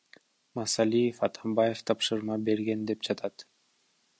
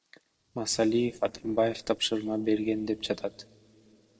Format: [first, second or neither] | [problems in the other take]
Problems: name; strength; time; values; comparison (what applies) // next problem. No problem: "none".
first | noise reduction (neural separator model SepFormer DNS4)